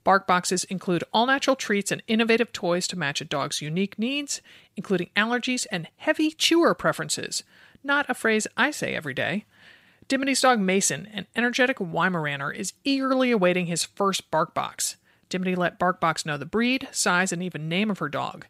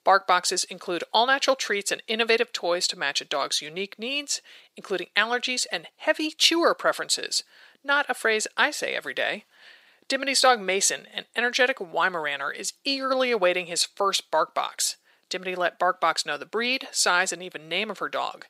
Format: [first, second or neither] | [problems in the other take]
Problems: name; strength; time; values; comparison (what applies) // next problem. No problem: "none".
first | thin; somewhat; fading below 500 Hz